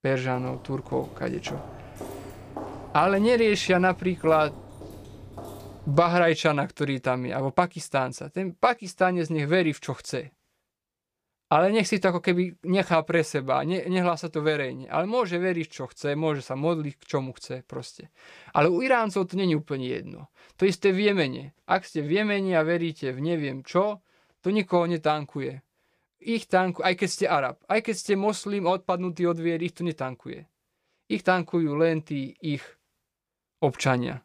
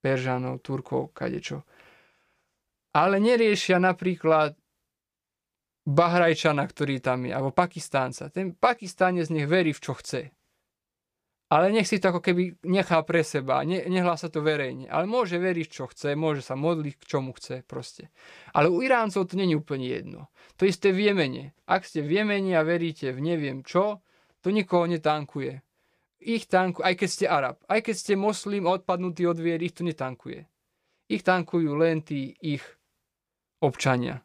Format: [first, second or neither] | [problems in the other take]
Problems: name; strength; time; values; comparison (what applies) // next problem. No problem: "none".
second | footsteps; faint; until 6 s; peak 10 dB below the speech